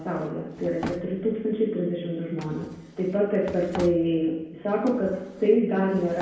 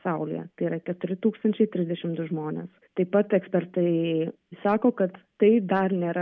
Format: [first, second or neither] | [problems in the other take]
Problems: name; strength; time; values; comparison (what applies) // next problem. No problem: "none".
second | background sound (Drawer open or close); 16 dB below the speech // room echo; dies away in 0.9 s